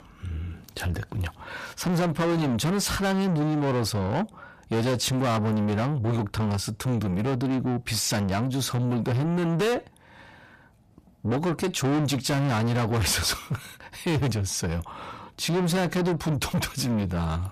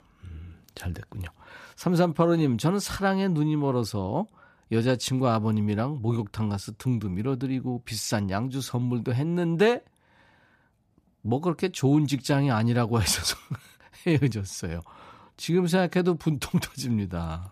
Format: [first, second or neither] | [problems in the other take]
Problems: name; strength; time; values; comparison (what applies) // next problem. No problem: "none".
second | distortion; heavy; 6 dB below the speech